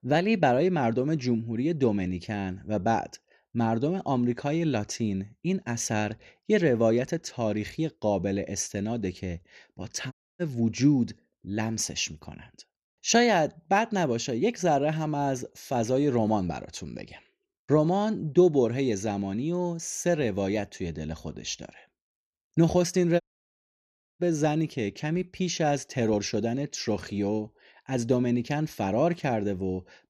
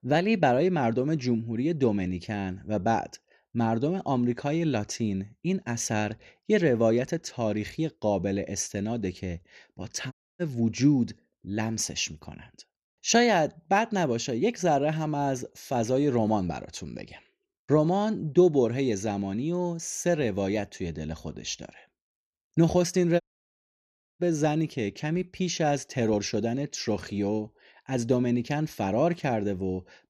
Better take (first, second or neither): neither